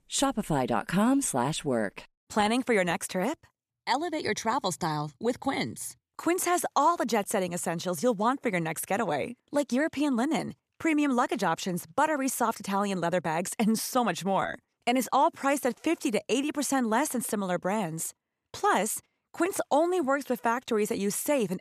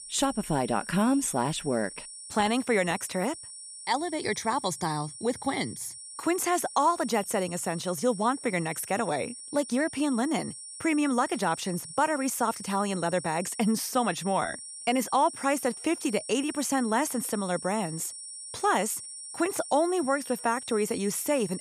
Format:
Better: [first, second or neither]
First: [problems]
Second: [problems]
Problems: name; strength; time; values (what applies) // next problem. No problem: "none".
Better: first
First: none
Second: high-pitched whine; noticeable; throughout; 9 kHz, 10 dB below the speech